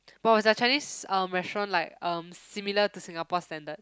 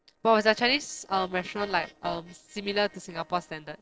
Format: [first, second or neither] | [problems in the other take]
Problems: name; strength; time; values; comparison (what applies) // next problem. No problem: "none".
first | noise reduction (neural separator model SepFormer DNS4)